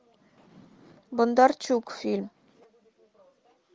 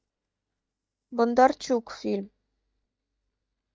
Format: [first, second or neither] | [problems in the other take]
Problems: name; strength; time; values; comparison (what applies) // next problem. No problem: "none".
first | noise reduction (neural mask model DeepFilterNet 3)